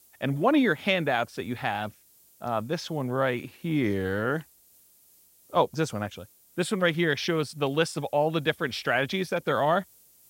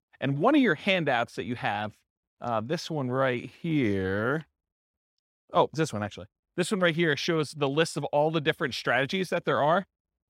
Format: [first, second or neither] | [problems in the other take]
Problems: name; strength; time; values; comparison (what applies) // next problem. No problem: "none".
second | hiss; faint; throughout; 30 dB below the speech